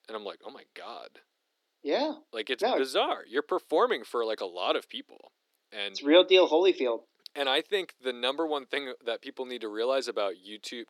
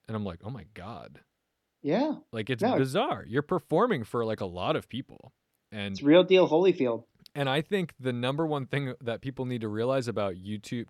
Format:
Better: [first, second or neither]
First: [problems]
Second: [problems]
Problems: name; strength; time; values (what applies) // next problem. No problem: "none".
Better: second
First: thin; somewhat; fading below 300 Hz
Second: none